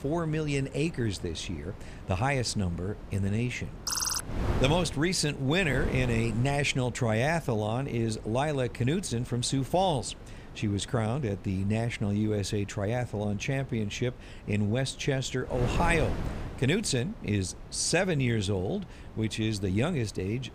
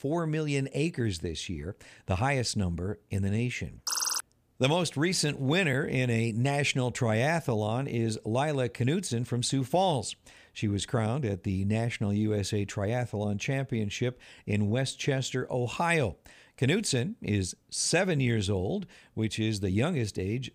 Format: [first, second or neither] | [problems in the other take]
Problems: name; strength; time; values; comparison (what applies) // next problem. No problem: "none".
second | wind noise on the microphone; occasional gusts; 15 dB below the speech